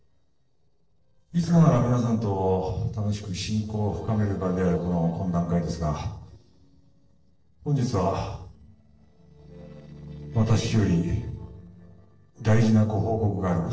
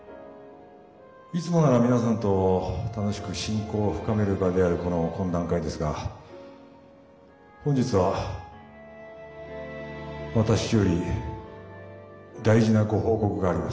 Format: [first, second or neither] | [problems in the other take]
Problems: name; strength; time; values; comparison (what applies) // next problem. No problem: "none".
second | noise reduction (neural separator model SepFormer DNS4)